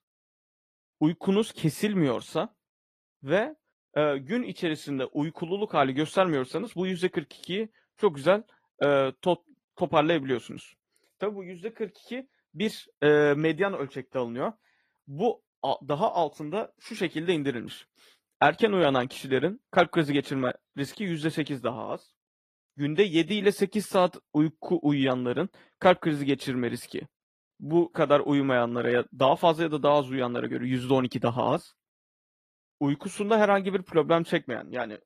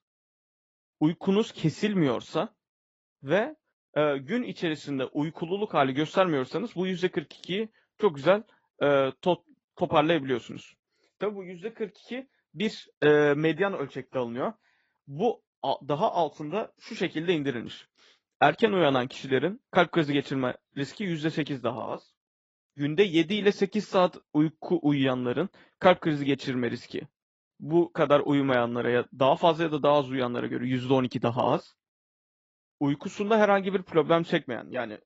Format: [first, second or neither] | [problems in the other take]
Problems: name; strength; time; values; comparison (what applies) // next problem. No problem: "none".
first | garbled, watery; badly; nothing above 7.5 kHz; slightly in the first